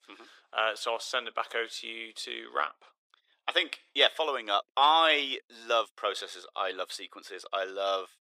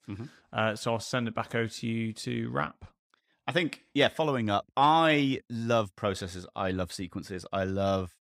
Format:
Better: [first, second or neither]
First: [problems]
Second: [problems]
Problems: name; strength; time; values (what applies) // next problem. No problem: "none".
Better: second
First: thin; very; fading below 400 Hz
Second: none